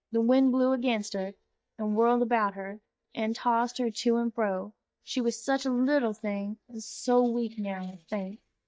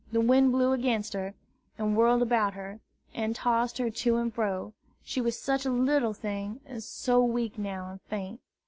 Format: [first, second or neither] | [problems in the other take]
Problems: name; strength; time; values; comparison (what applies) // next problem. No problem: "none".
second | noise reduction (neural mask model DeepFilterNet 3)